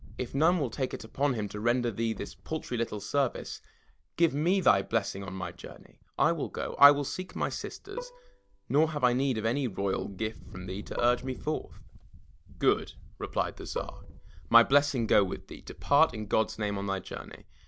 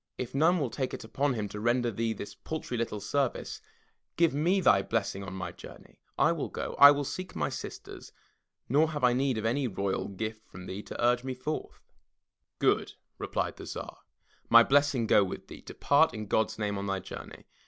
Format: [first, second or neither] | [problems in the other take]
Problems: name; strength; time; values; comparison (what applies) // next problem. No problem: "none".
second | background sound (Bowed string instrument + Wind); 16 dB below the speech